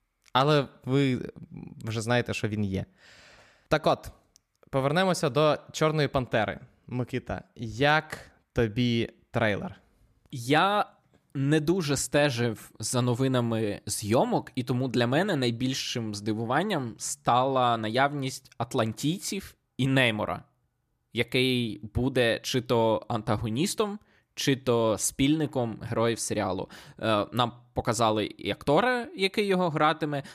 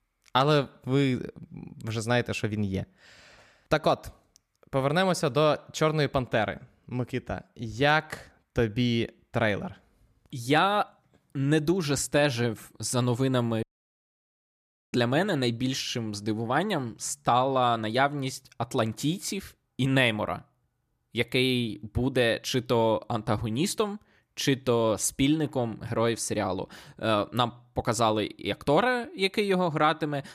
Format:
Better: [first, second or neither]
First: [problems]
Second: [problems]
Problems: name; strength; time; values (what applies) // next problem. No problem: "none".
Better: first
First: none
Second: audio cutting out; at 14 s for 1.5 s